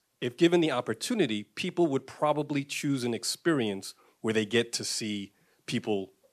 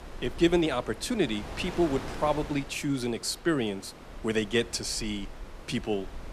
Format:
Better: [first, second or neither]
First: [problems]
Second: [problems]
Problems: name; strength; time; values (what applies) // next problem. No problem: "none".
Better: first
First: none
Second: wind noise on the microphone; occasional gusts; 15 dB below the speech